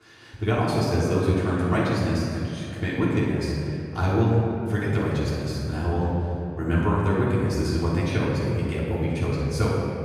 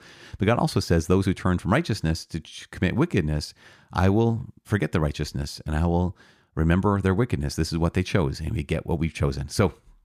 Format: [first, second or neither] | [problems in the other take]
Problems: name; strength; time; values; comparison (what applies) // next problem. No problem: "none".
second | room echo; strong; dies away in 2.5 s // off-mic speech; far